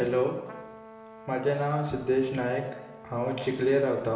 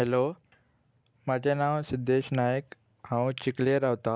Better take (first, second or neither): second